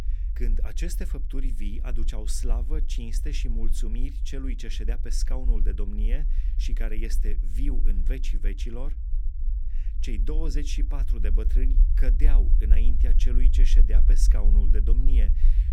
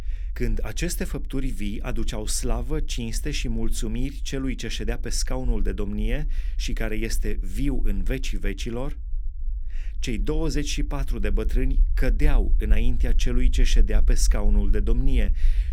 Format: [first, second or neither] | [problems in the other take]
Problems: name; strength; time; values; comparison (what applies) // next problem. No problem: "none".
second | low rumble; loud; throughout; 9 dB below the speech; faint in the second